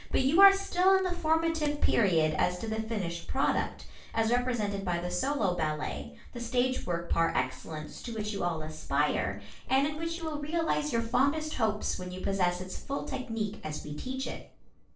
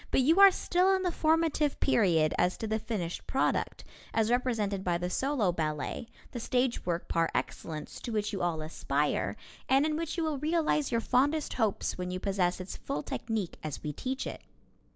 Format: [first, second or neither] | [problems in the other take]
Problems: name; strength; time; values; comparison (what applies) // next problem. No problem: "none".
second | noise reduction (neural separator model SepFormer DNS4)